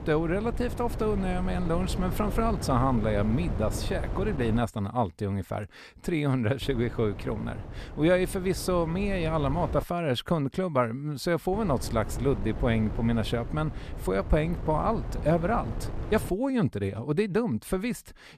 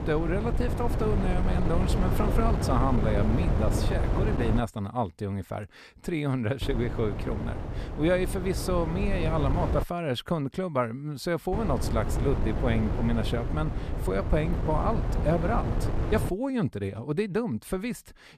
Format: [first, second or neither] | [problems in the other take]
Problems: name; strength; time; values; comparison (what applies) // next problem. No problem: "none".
first | wind noise on the microphone; heavy; until 4.5 s, from 6.5 to 10 s and from 12 to 16 s; 5 dB below the speech; occasional gusts in the first